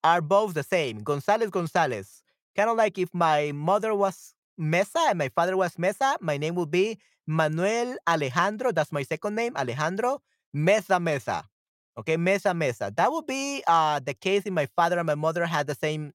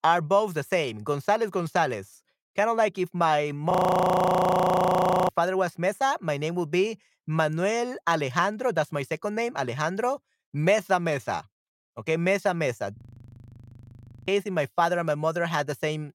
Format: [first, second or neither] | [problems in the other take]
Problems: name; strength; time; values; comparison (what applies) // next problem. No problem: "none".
first | audio freezing; at 3.5 s for 1.5 s and at 13 s for 1.5 s